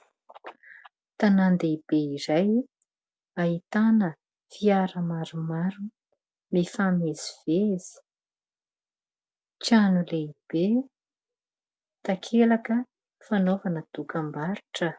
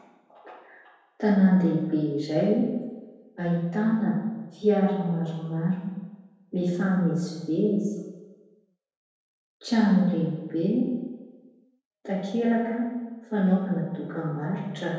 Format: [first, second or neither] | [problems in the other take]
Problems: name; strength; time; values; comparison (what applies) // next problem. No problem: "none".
first | room echo; dies away in 1.2 s